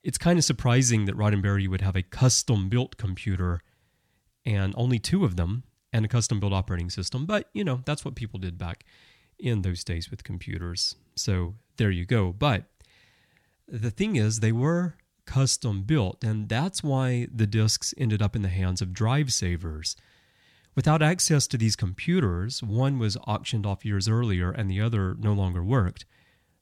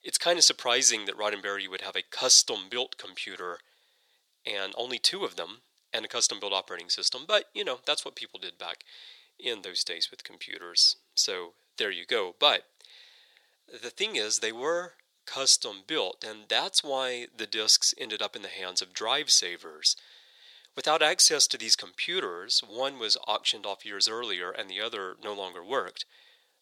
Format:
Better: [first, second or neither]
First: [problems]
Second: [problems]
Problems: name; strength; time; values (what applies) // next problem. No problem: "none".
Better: first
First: none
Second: thin; very; fading below 450 Hz